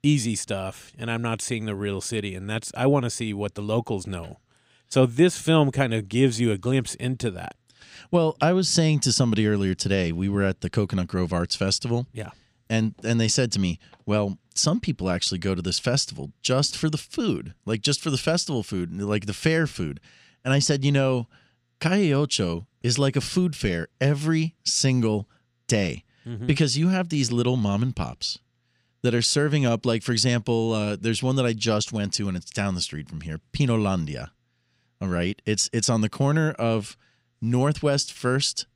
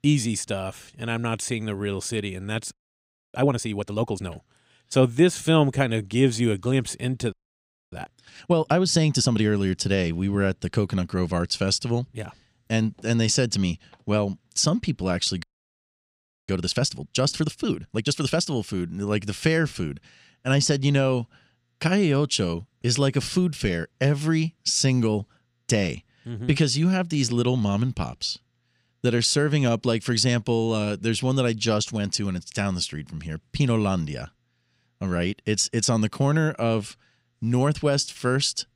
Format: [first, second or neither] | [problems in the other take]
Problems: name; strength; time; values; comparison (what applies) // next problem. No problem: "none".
first | audio freezing; at 2.5 s for 0.5 s, at 7.5 s for 0.5 s and at 15 s for 1 s